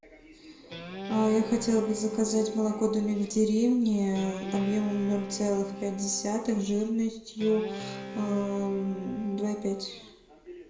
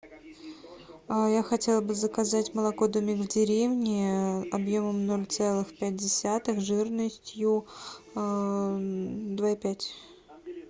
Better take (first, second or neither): second